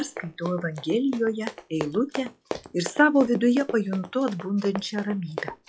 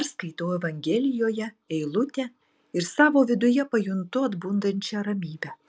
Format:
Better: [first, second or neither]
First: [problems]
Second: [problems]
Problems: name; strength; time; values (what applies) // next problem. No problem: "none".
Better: second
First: noise reduction (classical method log-MMSE)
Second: none